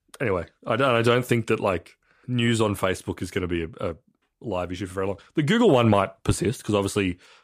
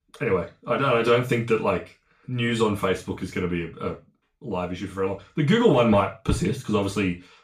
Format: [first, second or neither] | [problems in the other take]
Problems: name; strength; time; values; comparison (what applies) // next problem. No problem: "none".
first | room echo; very slight; dies away in 0.2 s // off-mic speech; far